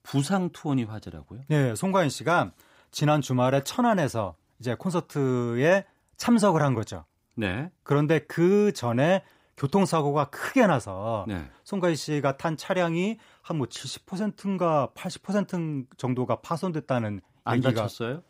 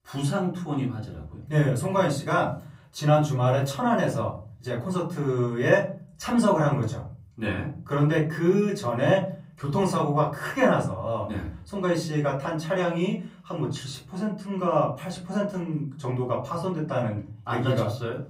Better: first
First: none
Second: off-mic speech; far // room echo; slight; dies away in 0.4 s

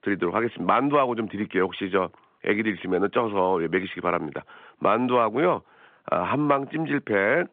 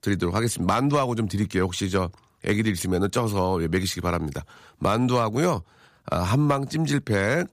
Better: second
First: phone-call audio; nothing above 3.5 kHz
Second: none

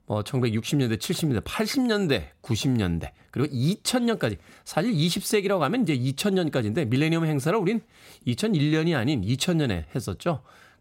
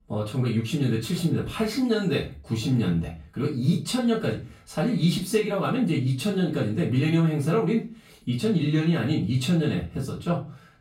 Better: first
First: none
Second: off-mic speech; far // room echo; slight; dies away in 0.3 s

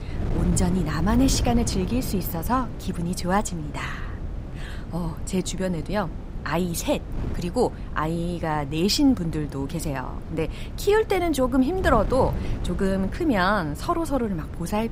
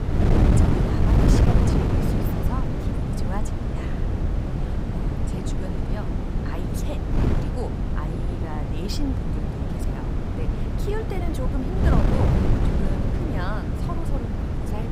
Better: first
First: wind noise on the microphone; occasional gusts; 15 dB below the speech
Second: wind noise on the microphone; heavy; 5 dB above the speech

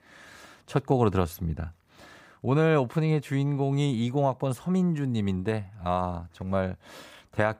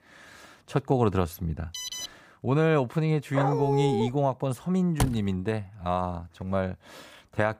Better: first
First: none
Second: alarm; noticeable; at 1.5 s; peak 6 dB below the speech // dog barking; loud; at 3.5 s; peak level with the speech // door banging; noticeable; at 5 s; peak 2 dB below the speech

